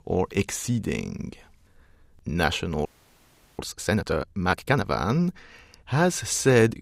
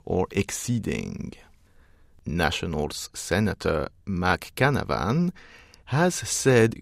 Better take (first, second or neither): second